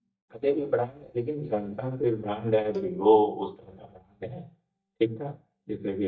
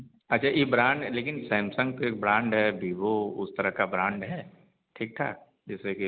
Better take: second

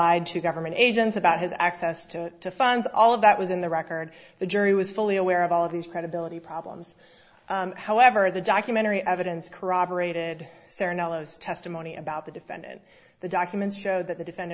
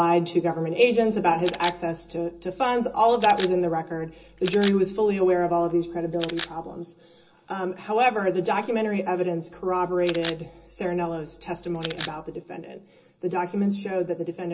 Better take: first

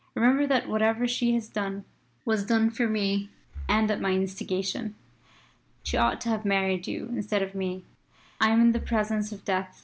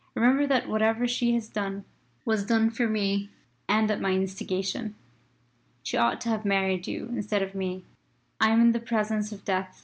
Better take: second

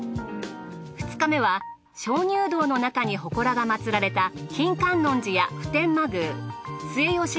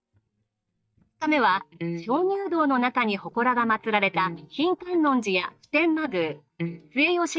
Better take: first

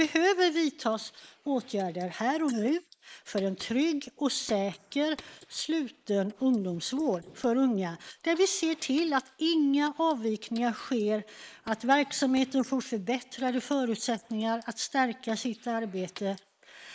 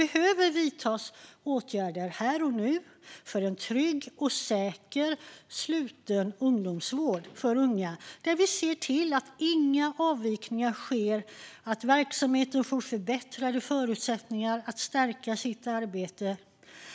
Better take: second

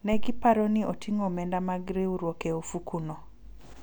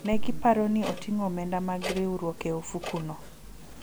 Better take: first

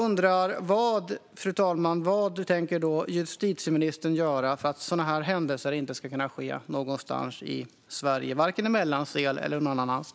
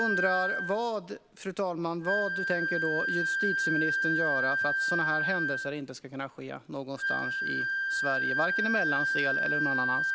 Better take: first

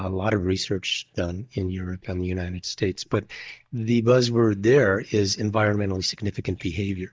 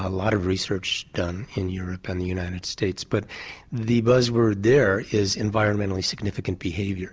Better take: second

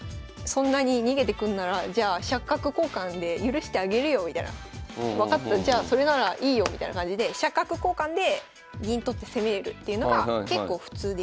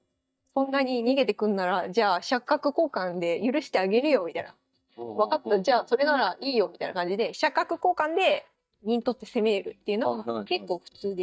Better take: first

